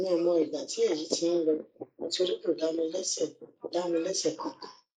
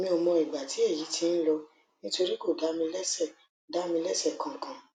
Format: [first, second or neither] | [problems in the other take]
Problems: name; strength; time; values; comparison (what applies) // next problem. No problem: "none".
second | noise reduction (neural mask model Resemble Enhance denoiser)